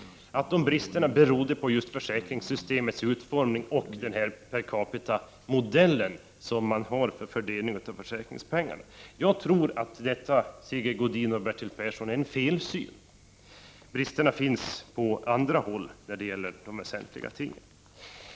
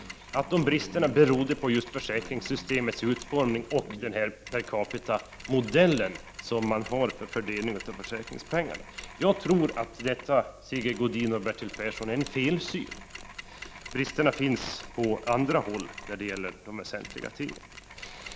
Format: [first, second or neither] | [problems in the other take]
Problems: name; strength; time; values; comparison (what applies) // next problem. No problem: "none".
first | background sound (Mechanisms); 16 dB below the speech